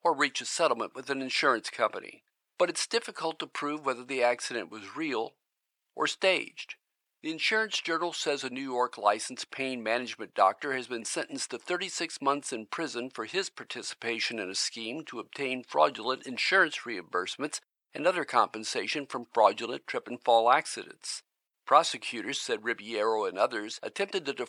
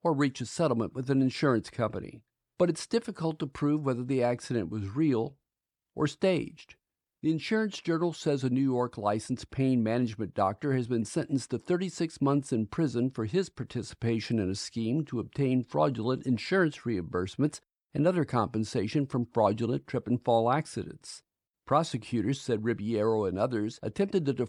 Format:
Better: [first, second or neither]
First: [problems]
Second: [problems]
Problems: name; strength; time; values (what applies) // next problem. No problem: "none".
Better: second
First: thin; very; fading below 700 Hz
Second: none